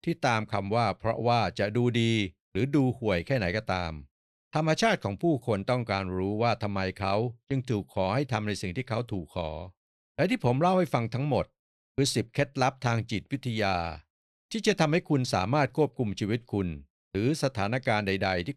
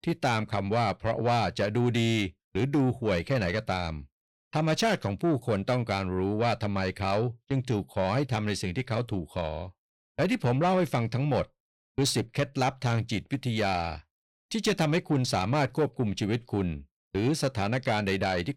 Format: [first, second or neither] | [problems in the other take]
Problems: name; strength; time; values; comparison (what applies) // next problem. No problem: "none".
first | distortion; slight; 10 dB below the speech